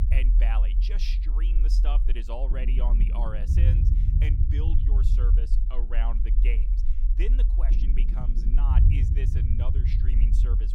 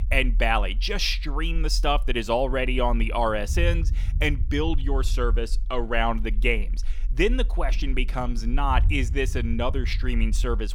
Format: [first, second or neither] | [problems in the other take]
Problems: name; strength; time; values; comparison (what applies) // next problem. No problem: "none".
second | low rumble; loud; throughout; 3 dB below the speech; faint in the second